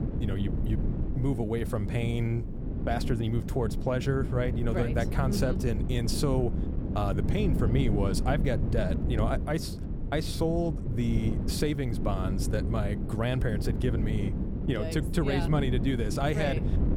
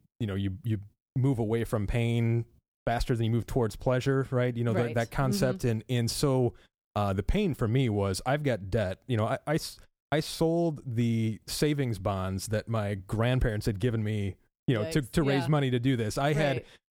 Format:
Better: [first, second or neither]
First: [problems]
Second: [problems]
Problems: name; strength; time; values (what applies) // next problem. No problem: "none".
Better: second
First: wind noise on the microphone; heavy; 7 dB below the speech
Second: none